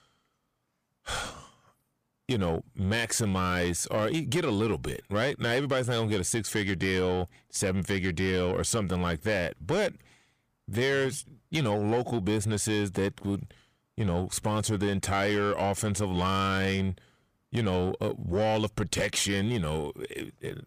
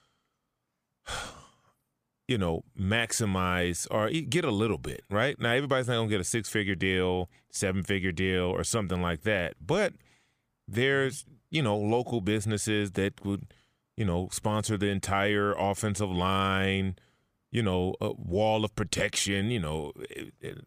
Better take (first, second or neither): second